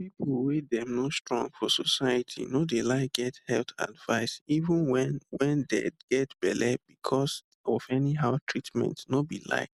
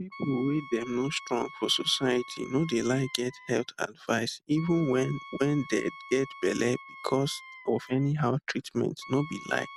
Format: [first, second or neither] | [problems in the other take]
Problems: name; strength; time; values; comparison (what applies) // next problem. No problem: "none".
first | background sound (Wind instrument, woodwind instrument); 17 dB below the speech